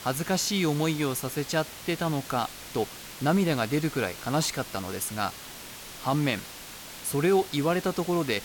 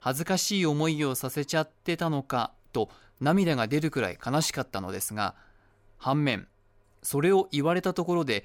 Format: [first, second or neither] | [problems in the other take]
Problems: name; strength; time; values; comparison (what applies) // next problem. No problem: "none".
second | hiss; noticeable; throughout; 10 dB below the speech